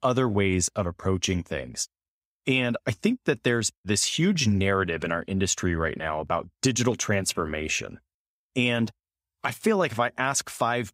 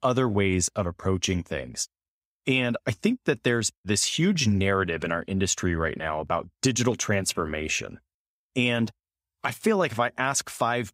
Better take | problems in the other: neither | none

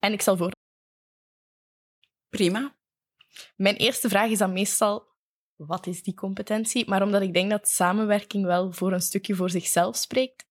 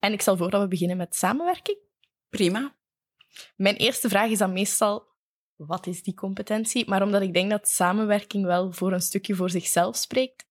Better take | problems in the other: second | audio cutting out; at 0.5 s for 1.5 s

